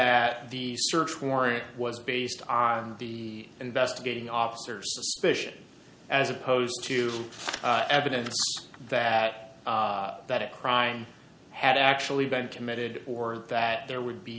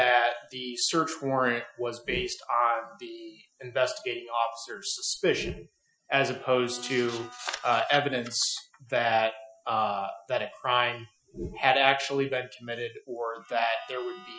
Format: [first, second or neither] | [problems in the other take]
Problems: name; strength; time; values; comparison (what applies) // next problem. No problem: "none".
first | noise reduction (classical method Wiener filter)